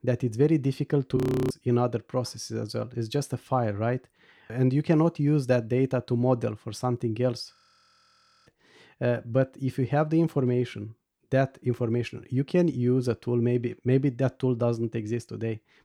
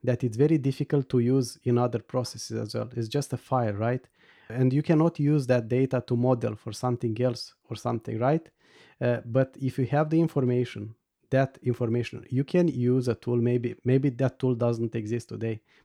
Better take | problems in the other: second | audio freezing; at 1 s and at 7.5 s for 1 s

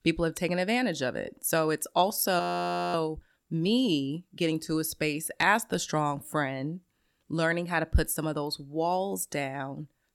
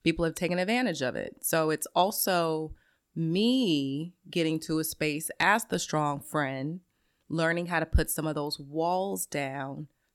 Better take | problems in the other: second | audio freezing; at 2.5 s for 0.5 s

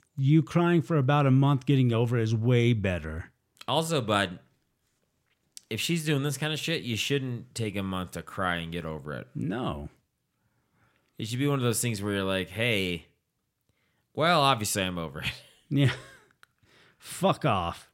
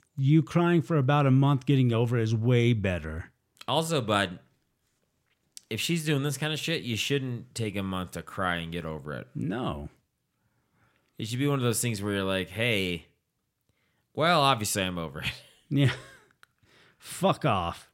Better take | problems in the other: neither | none

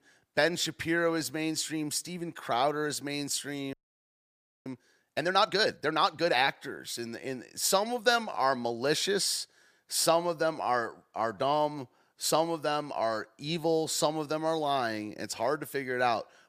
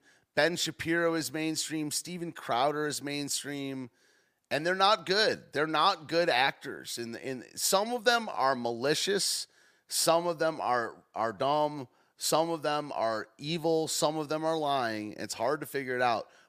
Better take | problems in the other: second | audio freezing; at 3.5 s for 1 s

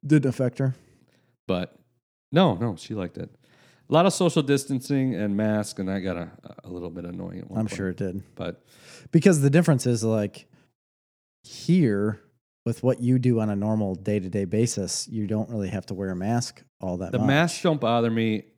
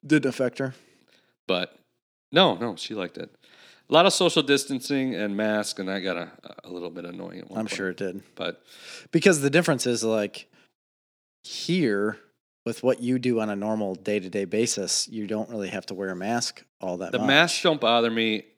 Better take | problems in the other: first | thin; very slightly; fading below 250 Hz

